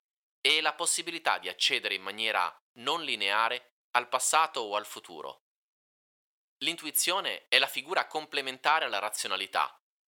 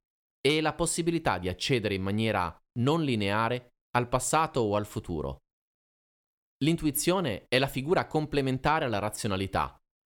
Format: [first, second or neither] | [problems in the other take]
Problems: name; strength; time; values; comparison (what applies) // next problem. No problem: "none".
second | thin; very; fading below 850 Hz